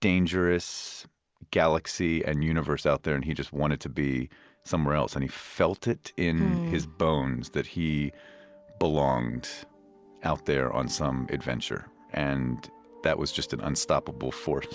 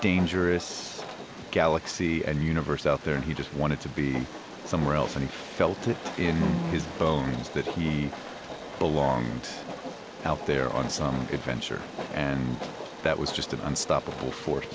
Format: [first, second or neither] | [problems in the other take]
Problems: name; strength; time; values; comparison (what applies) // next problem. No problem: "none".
first | background sound (Train); 11 dB below the speech